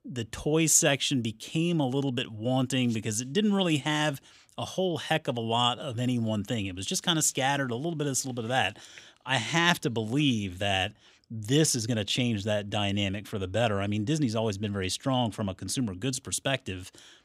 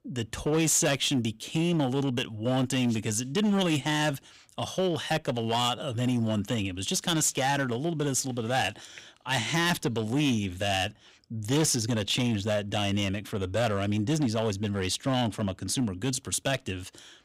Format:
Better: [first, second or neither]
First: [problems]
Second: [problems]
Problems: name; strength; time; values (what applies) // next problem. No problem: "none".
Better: first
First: none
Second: distortion; slight; 8% of the sound clipped